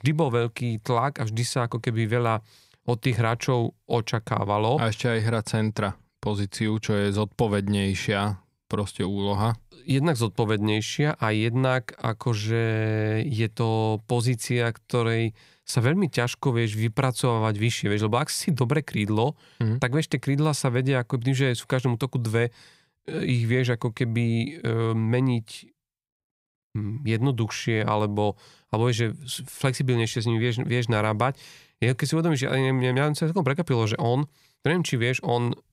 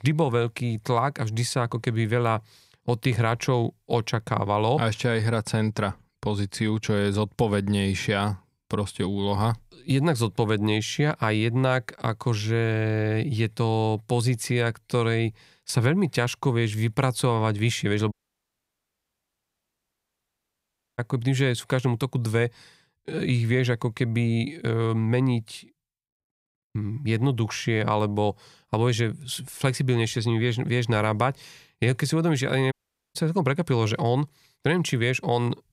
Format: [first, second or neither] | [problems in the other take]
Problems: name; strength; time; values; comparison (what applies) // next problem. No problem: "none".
first | audio cutting out; at 18 s for 3 s and at 33 s